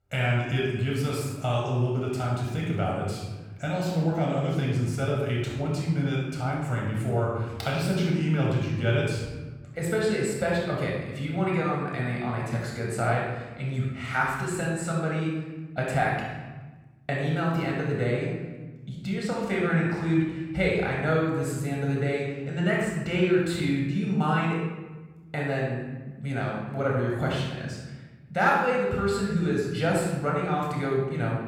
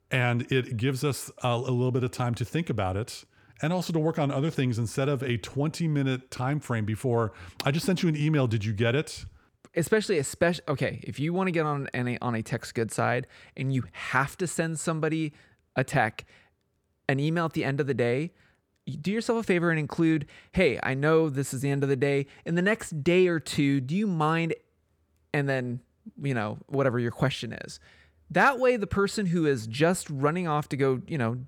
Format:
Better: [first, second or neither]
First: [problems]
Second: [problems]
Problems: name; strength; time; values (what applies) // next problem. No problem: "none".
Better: second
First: off-mic speech; far // room echo; noticeable; dies away in 1.1 s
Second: none